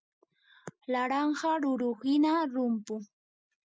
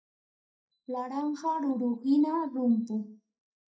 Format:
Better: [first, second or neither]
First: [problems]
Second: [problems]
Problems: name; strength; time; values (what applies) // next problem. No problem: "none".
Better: first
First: none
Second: noise reduction (neural mask model DeepFilterNet 3)